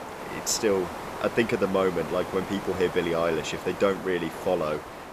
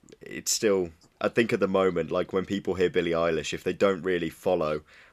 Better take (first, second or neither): second